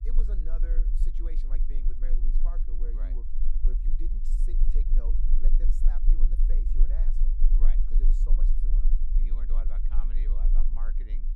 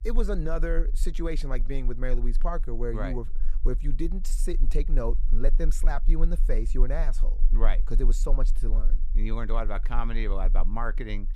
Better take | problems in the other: second | low rumble; loud; throughout; 3 dB below the speech; faint in the second

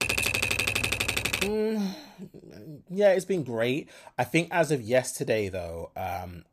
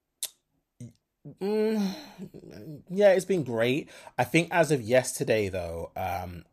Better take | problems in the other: second | keyboard typing; loud; until 1.5 s; peak 3 dB above the speech

